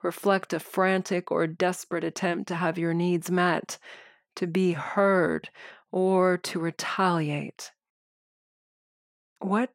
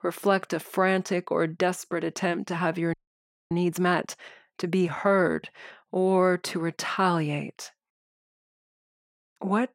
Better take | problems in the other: first | audio freezing; at 3 s for 0.5 s

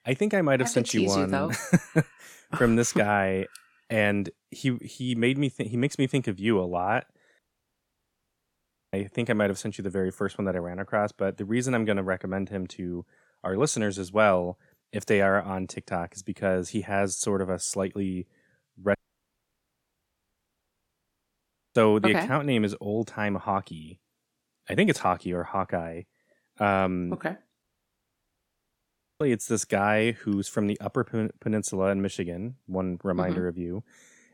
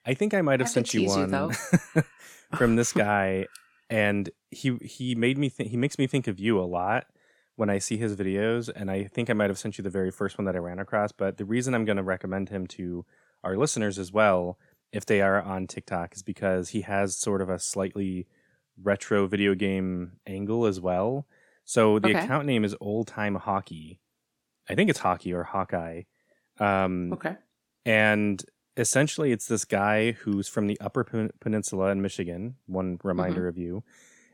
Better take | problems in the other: second | audio cutting out; at 7.5 s for 1.5 s, at 19 s for 3 s and at 28 s for 1.5 s

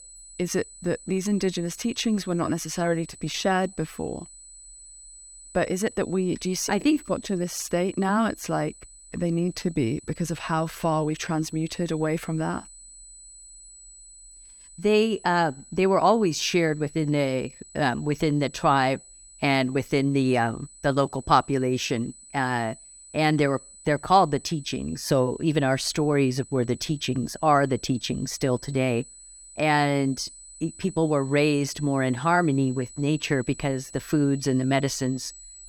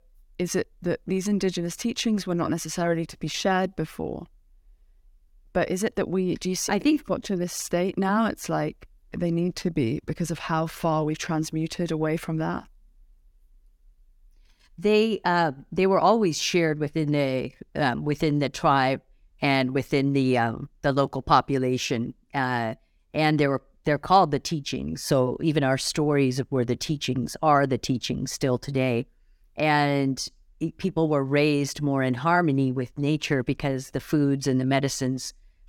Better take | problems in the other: second | high-pitched whine; noticeable; throughout; 8 kHz, 20 dB below the speech

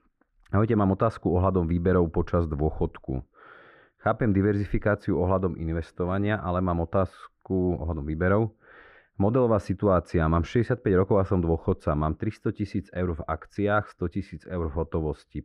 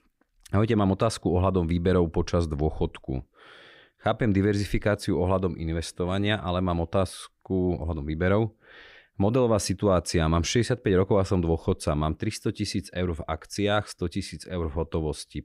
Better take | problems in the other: second | muffled; very; fading above 3 kHz

